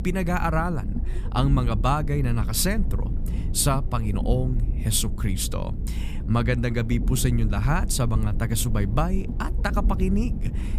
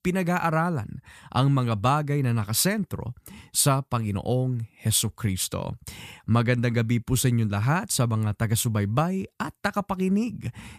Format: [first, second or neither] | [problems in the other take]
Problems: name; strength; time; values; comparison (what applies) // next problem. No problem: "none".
second | low rumble; noticeable; throughout; 15 dB below the speech